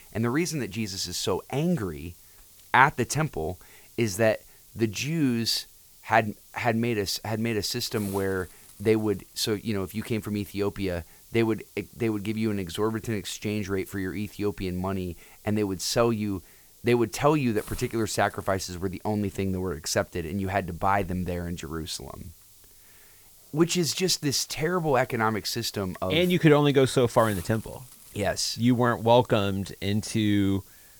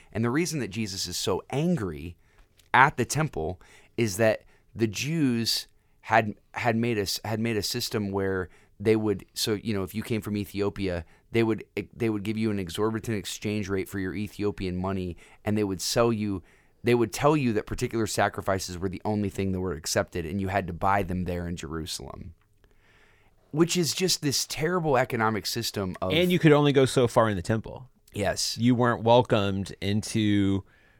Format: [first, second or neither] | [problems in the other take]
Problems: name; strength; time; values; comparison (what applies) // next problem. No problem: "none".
second | hiss; faint; throughout; 20 dB below the speech